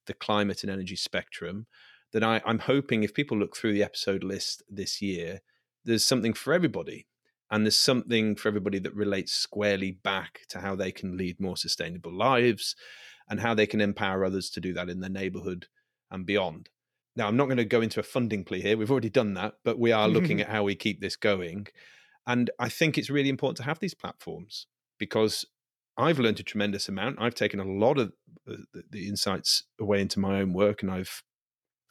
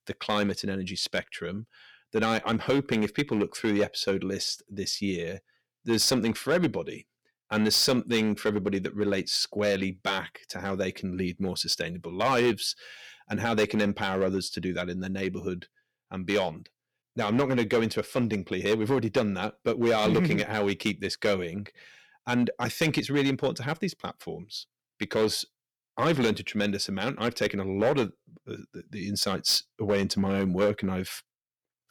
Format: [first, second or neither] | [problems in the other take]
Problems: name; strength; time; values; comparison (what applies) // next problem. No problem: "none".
first | distortion; slight; 3% of the sound clipped